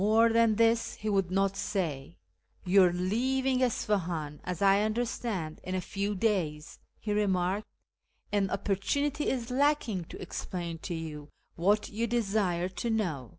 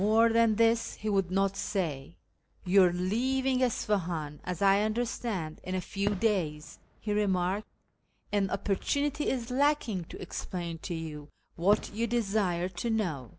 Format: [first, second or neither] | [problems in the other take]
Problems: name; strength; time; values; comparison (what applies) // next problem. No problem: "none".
first | background sound (Fireworks); 19 dB below the speech